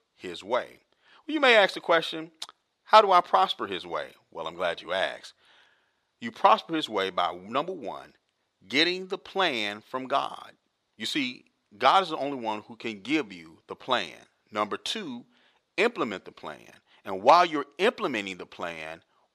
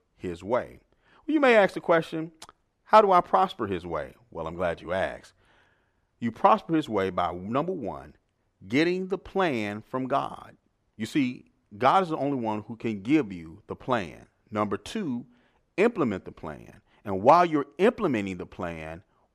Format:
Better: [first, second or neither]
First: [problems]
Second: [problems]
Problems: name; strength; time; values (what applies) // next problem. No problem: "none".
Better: second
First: thin; very slightly; fading below 650 Hz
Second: none